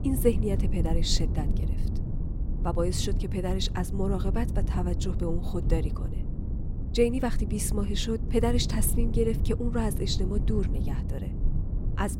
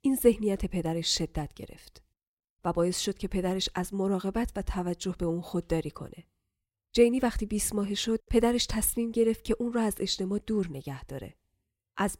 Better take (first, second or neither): second